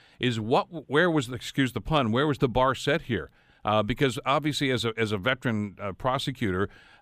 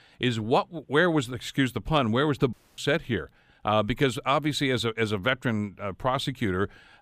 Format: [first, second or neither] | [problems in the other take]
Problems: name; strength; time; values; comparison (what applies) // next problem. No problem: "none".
first | audio cutting out; at 2.5 s